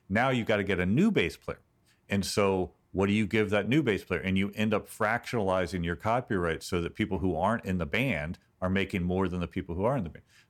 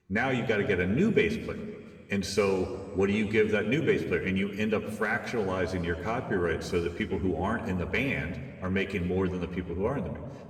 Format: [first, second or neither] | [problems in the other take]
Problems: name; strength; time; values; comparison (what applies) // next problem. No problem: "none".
first | room echo; slight; dies away in 2 s // off-mic speech; somewhat distant